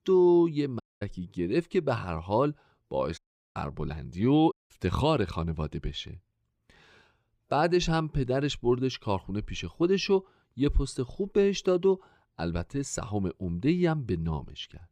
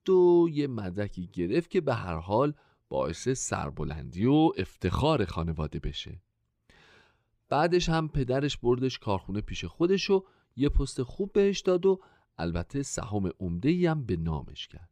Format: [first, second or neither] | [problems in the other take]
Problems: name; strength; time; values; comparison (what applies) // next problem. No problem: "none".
second | audio cutting out; at 1 s, at 3 s and at 4.5 s